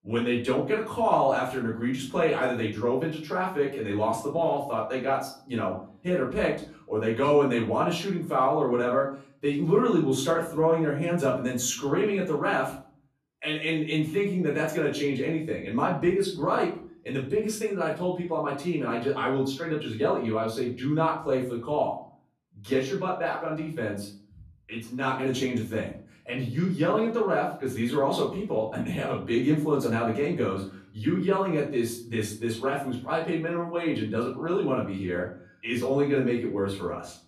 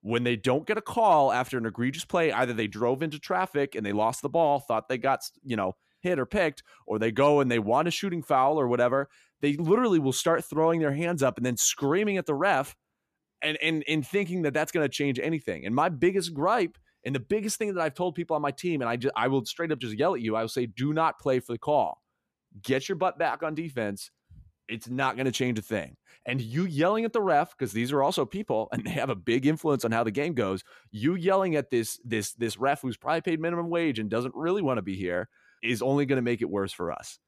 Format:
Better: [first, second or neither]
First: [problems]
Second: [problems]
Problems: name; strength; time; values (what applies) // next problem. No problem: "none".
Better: second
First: off-mic speech; far // room echo; slight; dies away in 0.4 s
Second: none